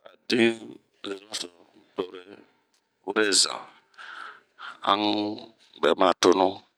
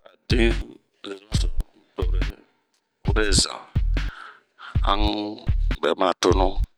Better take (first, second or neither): first